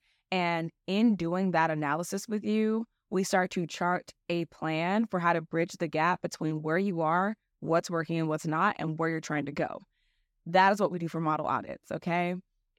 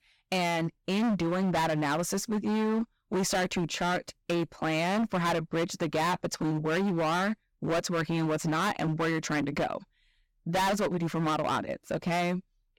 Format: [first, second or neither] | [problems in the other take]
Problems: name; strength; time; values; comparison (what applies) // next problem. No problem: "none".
first | distortion; heavy; 22% of the sound clipped